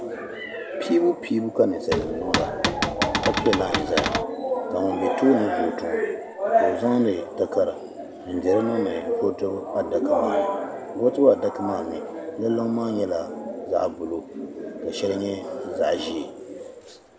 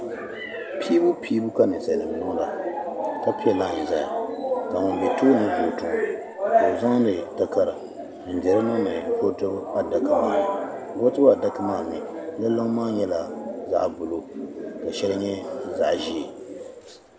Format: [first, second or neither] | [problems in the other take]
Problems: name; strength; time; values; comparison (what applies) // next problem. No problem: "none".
second | background sound (Cupboard open or close / Door); 2 dB below the speech